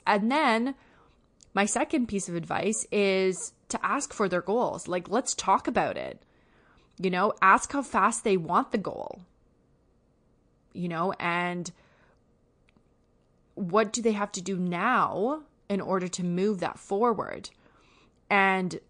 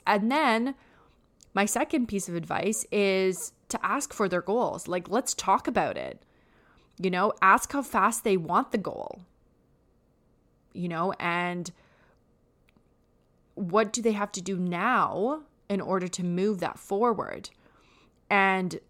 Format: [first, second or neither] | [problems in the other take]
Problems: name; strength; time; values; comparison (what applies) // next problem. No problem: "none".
second | garbled, watery; slightly; nothing above 9 kHz